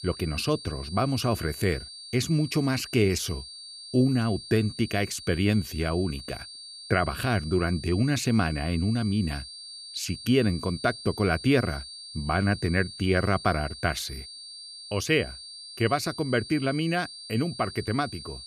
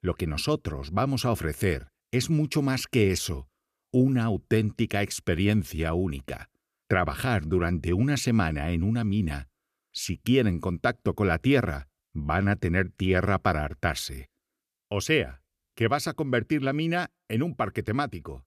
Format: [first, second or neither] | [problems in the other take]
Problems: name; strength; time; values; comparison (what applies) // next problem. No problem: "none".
second | high-pitched whine; noticeable; throughout; 4.5 kHz, 15 dB below the speech